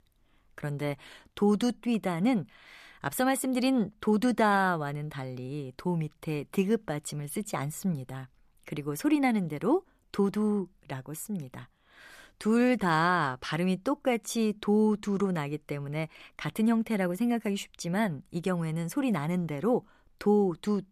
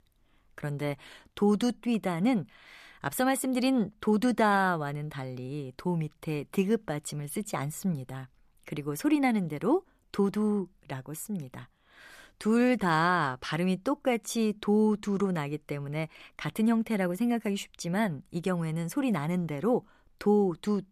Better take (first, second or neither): neither